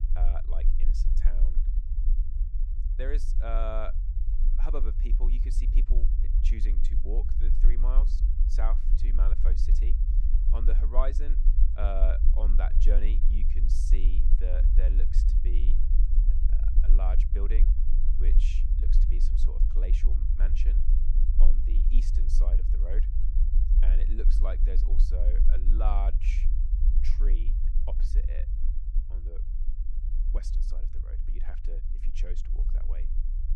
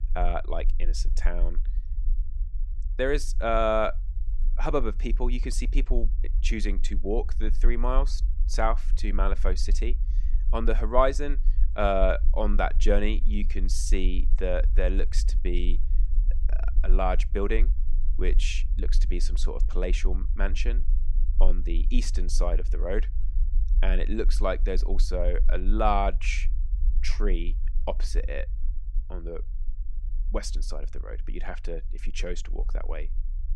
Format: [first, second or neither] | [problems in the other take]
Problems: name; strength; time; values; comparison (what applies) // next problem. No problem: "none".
second | low rumble; loud; throughout; 8 dB below the speech; faint in the second